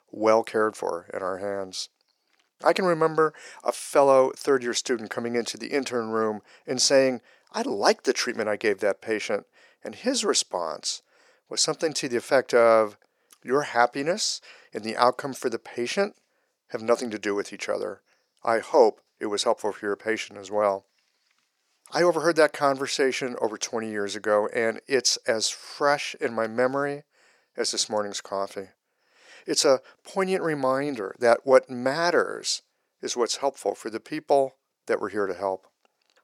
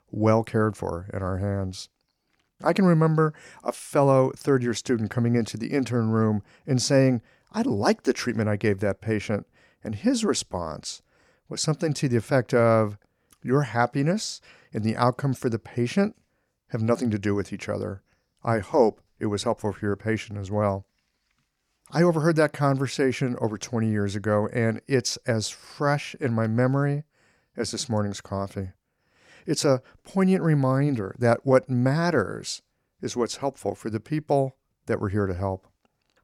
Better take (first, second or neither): second